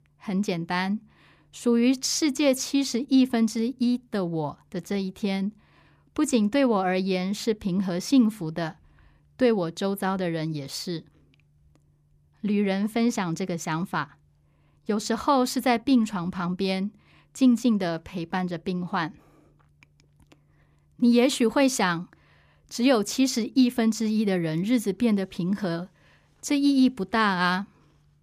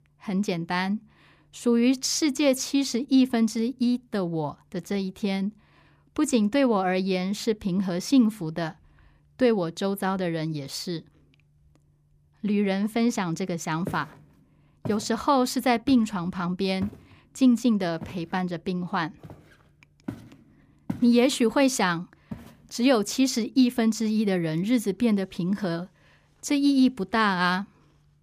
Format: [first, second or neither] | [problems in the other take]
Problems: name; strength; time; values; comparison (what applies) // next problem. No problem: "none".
first | footsteps; faint; from 14 to 22 s; peak 10 dB below the speech